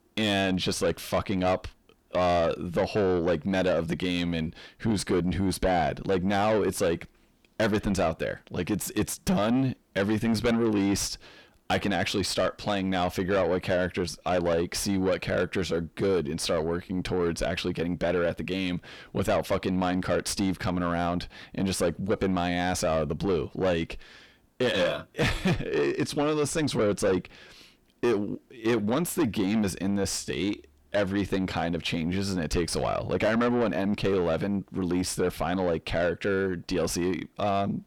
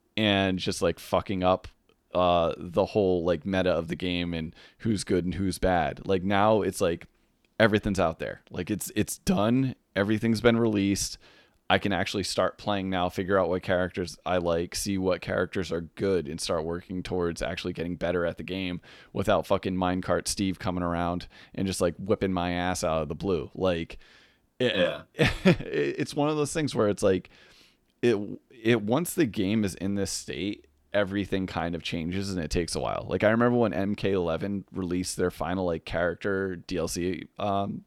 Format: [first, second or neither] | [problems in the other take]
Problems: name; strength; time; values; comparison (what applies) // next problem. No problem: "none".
second | distortion; heavy; 7 dB below the speech